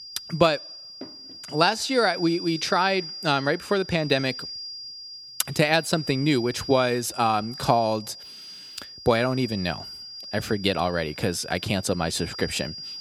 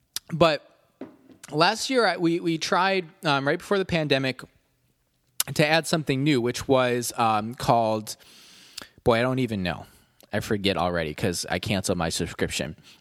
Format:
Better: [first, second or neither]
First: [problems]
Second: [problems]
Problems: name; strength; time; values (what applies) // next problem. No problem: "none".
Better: second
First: high-pitched whine; noticeable; throughout; 5 kHz, 10 dB below the speech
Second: none